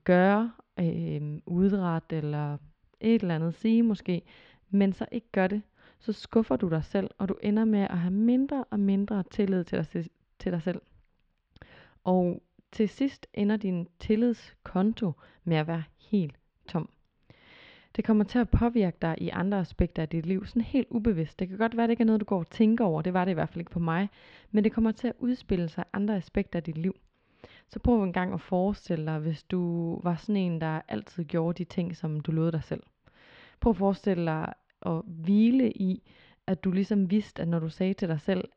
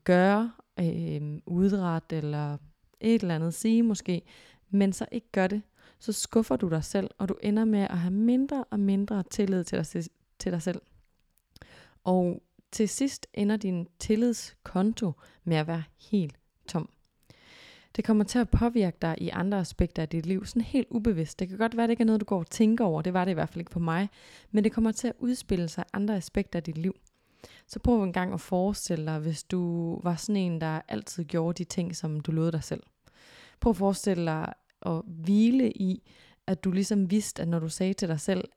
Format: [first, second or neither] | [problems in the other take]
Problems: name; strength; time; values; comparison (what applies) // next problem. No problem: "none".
second | muffled; slightly; fading above 3.5 kHz